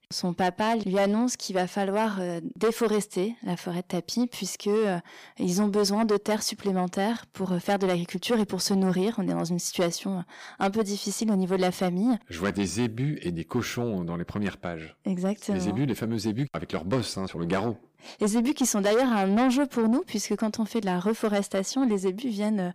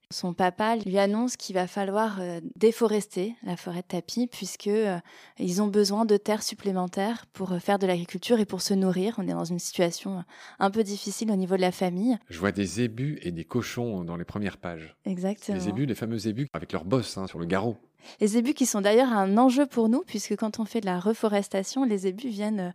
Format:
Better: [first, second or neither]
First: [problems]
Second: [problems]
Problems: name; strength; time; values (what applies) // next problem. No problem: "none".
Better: second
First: distortion; slight; 10 dB below the speech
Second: none